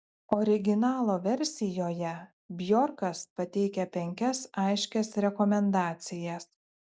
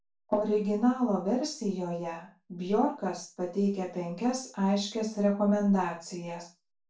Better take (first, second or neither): first